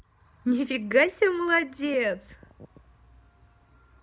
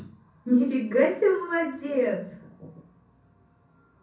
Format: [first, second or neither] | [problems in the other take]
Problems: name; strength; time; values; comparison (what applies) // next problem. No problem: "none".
first | room echo; dies away in 0.6 s